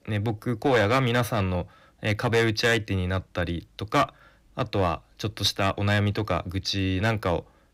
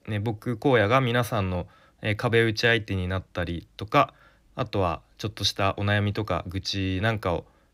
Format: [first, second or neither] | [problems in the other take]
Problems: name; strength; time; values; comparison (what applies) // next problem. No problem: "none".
second | distortion; slight; 4% of the sound clipped